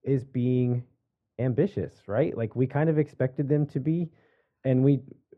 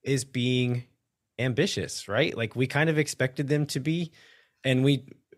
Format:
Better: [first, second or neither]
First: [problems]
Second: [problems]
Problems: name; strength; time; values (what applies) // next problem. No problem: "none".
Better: second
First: muffled; very; fading above 2 kHz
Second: none